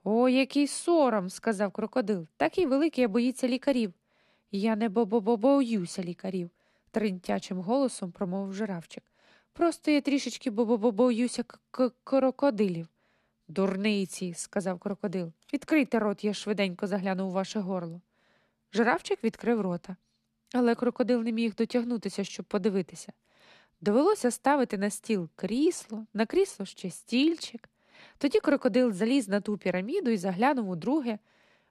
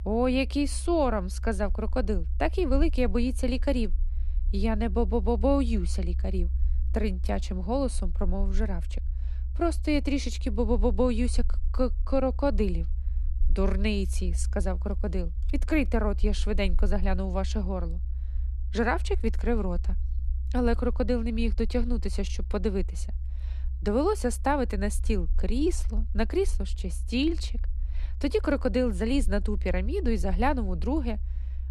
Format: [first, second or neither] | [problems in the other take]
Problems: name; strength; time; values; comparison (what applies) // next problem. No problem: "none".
first | low rumble; faint; throughout; 20 dB below the speech